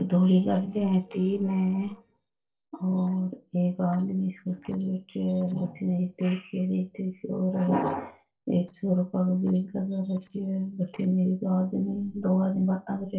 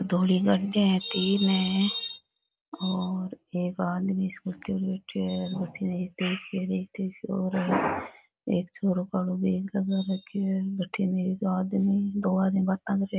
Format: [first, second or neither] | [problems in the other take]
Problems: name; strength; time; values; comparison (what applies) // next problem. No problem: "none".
second | noise reduction (neural separator model SepFormer DNS4)